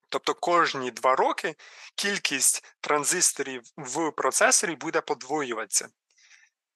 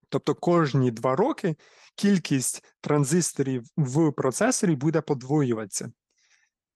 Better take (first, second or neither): second